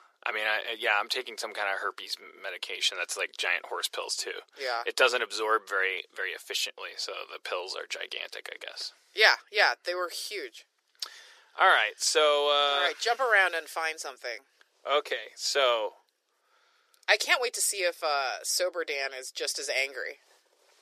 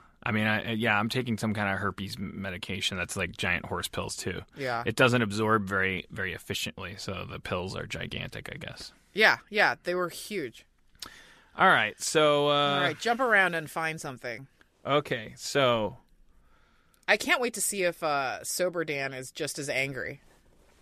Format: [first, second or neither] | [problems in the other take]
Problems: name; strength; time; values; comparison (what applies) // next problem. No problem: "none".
second | thin; very; fading below 400 Hz